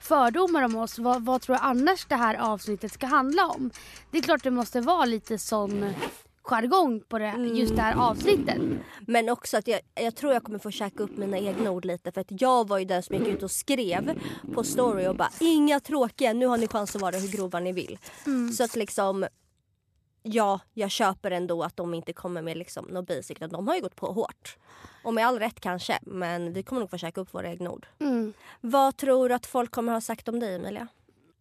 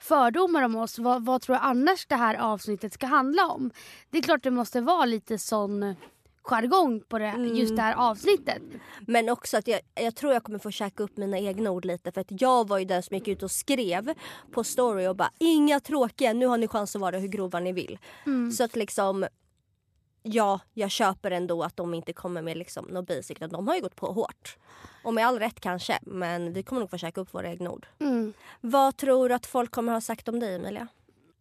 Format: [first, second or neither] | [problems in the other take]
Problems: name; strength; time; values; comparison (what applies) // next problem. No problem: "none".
second | household noises; loud; until 19 s; 10 dB below the speech; faint in the second